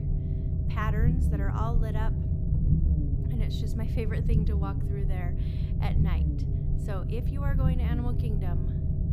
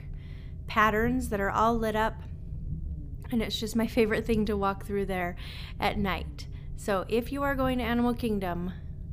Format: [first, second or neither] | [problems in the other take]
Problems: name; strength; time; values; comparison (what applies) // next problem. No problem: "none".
second | low rumble; loud; throughout; 1 dB below the speech; faint in the second